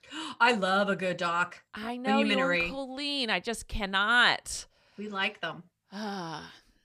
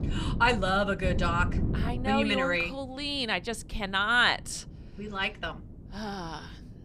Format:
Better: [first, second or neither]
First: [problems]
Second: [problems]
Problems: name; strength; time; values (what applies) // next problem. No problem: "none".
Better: first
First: none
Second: wind noise on the microphone; occasional gusts; 20 dB below the speech